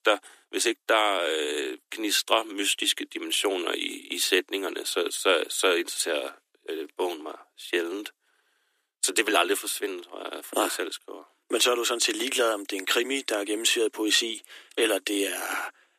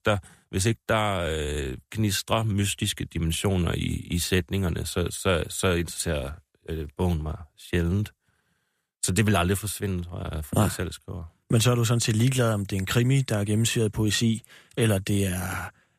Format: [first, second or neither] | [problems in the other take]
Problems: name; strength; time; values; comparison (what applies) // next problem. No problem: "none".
second | thin; very; fading below 300 Hz